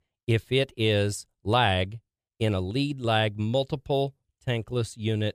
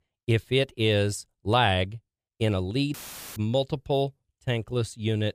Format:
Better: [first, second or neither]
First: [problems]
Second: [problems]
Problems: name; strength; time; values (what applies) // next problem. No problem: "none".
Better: first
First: none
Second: audio cutting out; filled with static; at 3 s